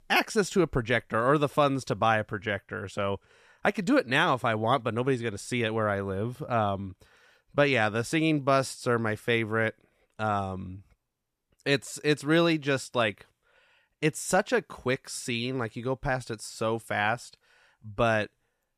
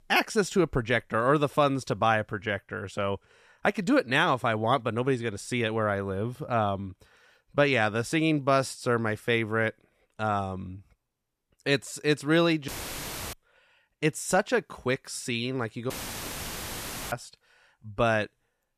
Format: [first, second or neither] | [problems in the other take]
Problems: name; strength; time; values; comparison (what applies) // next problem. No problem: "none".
first | audio cutting out; filled with static; at 13 s for 0.5 s and at 16 s for 1 s